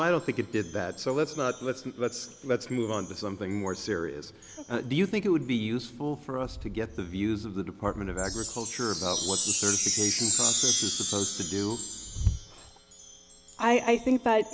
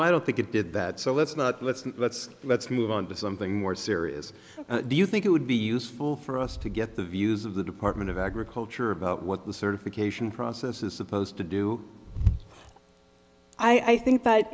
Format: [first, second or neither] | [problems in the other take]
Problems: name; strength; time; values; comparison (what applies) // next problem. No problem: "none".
second | background sound (Chime); 4 dB below the speech